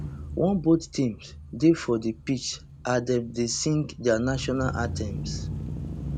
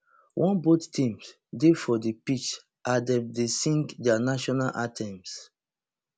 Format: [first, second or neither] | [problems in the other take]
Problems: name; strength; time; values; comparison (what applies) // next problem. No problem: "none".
second | background sound (Engine starting / Accelerating, revving, vroom / Motor vehicle (road)); 9 dB below the speech